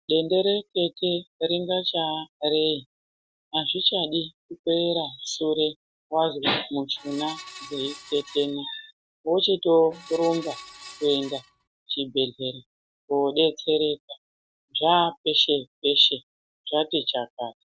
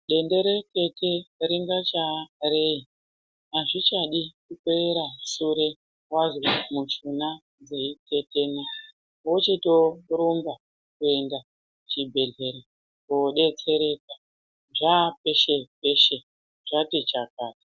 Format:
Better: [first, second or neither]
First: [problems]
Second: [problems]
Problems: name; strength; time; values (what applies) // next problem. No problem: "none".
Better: second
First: background sound (Screech); 17 dB below the speech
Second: none